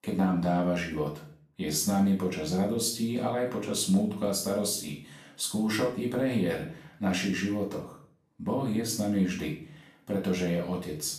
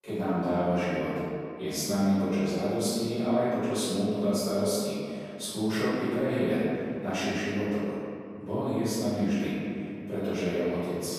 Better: first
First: room echo; slight; dies away in 0.5 s // off-mic speech; far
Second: room echo; strong; dies away in 2.6 s // off-mic speech; far

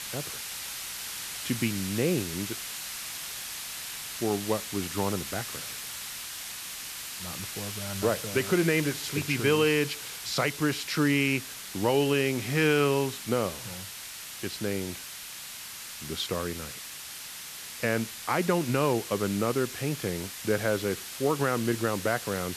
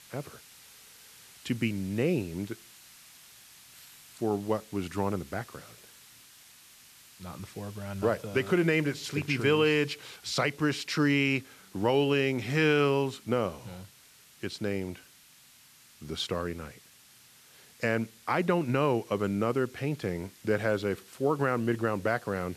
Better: second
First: hiss; loud; throughout; 8 dB below the speech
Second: hiss; faint; throughout; 25 dB below the speech

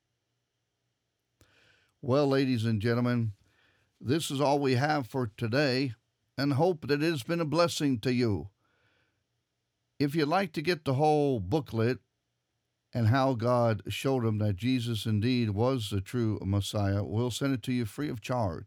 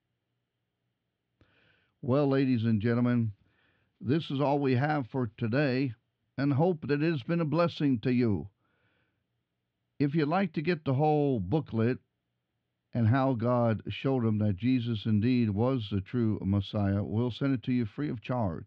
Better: first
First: none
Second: muffled; slightly; fading above 3.5 kHz

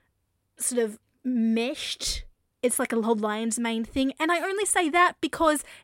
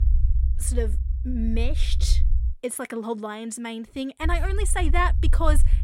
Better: first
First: none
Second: low rumble; noticeable; until 2.5 s and from 4 s on; 15 dB below the speech

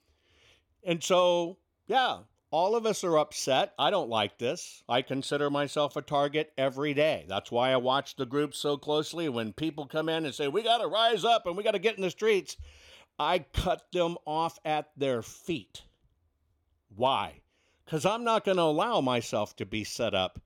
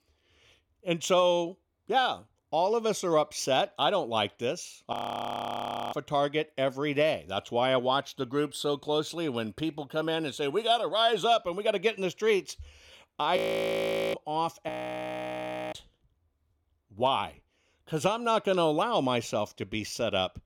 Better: first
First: none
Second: audio freezing; at 5 s for 1 s, at 13 s for 1 s and at 15 s for 1 s

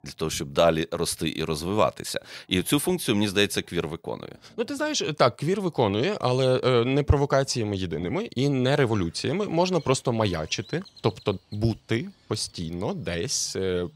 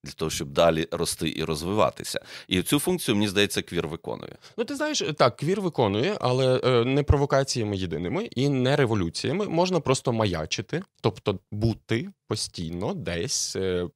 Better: second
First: animal sounds; faint; throughout; 30 dB below the speech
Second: none

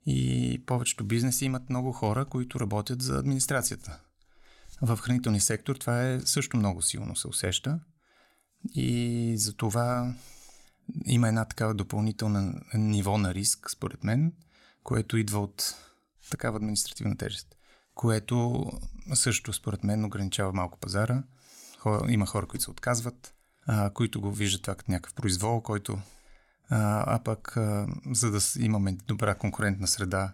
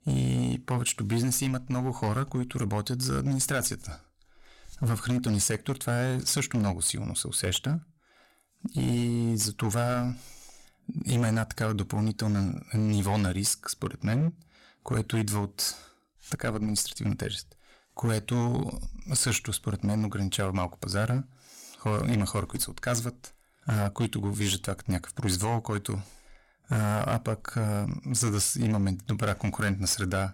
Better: first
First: none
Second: distortion; slight; 10% of the sound clipped

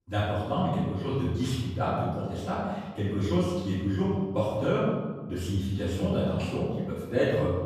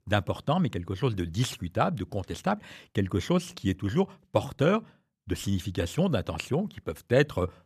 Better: second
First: off-mic speech; far // room echo; strong; dies away in 1.3 s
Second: none

